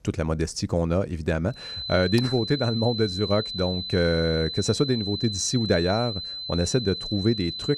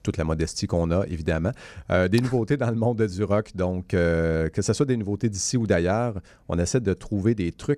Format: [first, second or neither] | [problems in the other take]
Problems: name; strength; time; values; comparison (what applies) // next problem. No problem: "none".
second | high-pitched whine; loud; from 1.5 s on; 4 kHz, 6 dB below the speech